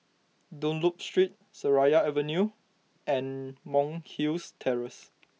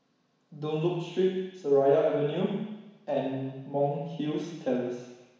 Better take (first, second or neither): first